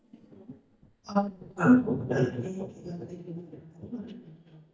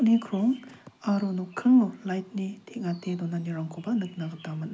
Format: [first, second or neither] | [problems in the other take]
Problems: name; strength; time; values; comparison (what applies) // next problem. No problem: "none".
second | noise reduction (neural mask model DeepFilterNet 3)